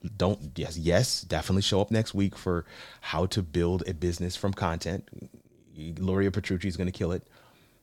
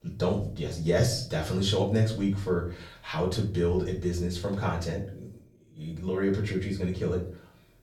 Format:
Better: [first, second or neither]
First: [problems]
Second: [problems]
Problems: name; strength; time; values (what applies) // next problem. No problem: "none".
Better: first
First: none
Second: off-mic speech; far // room echo; slight; dies away in 0.4 s